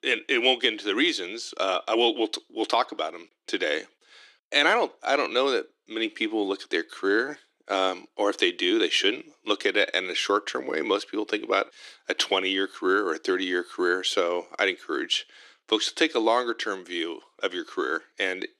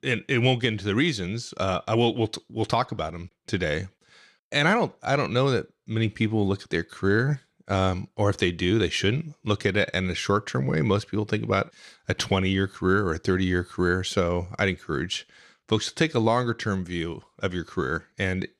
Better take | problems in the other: second | thin; somewhat; fading below 300 Hz

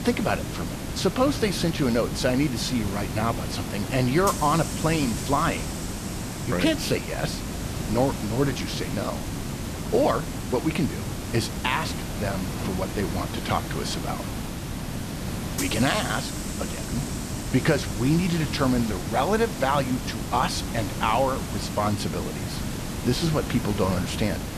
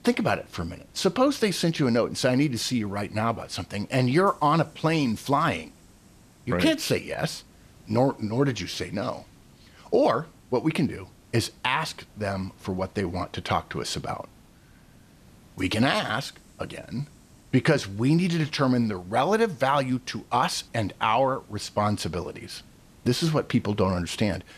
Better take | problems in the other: second | hiss; loud; throughout; 5 dB below the speech; faint in the second

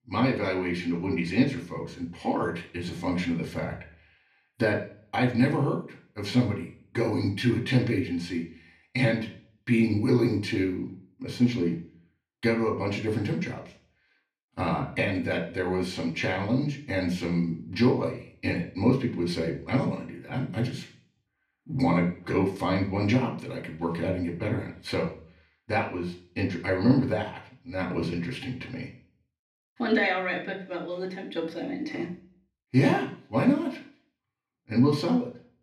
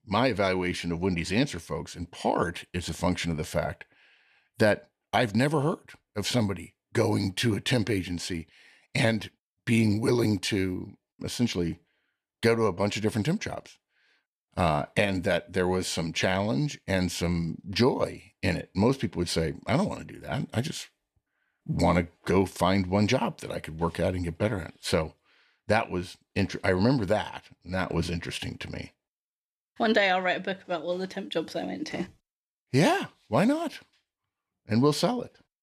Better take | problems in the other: second | room echo; slight; dies away in 0.5 s // off-mic speech; far

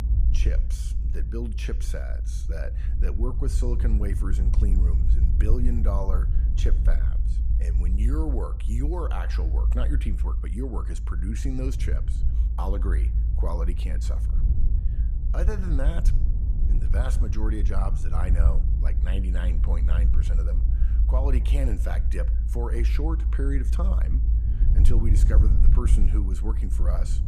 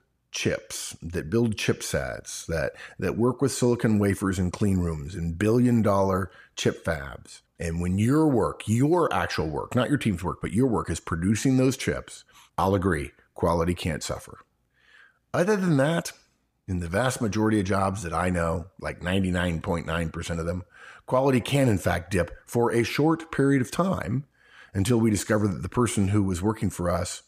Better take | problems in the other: second | low rumble; loud; throughout; 6 dB below the speech

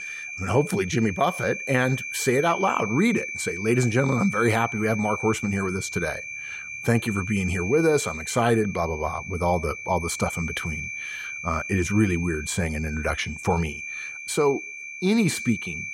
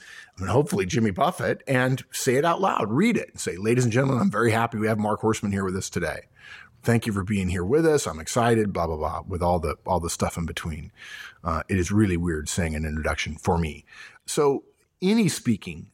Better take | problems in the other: second | high-pitched whine; loud; throughout; 2.5 kHz, 8 dB below the speech

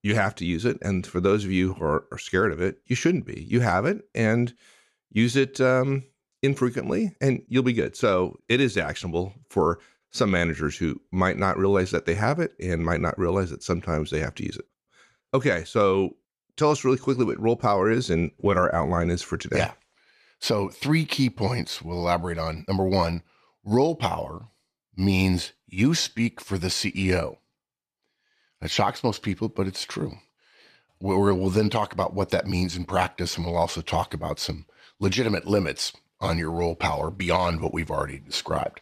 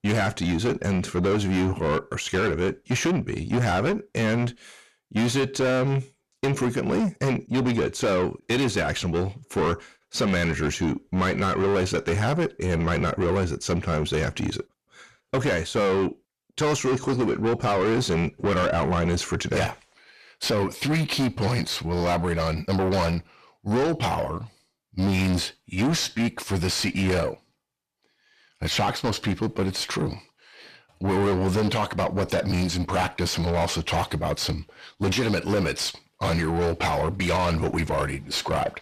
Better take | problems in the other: first | distortion; heavy; 6 dB below the speech

